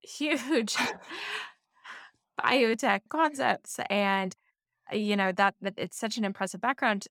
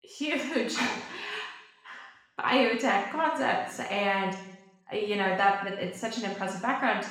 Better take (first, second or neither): first